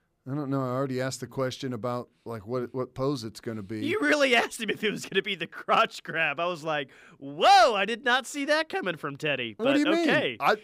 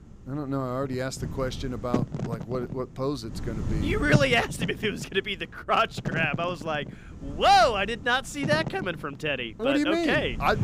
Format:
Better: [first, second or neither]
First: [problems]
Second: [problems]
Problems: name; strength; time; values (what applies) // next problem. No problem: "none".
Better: first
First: none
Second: wind noise on the microphone; occasional gusts; 15 dB below the speech